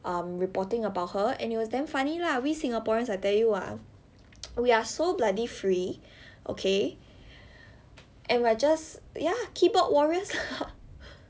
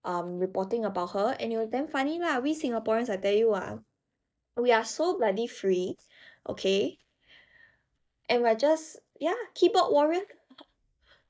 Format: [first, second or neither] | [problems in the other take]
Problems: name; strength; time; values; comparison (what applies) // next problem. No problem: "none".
first | noise reduction (neural mask model DeepFilterNet 3)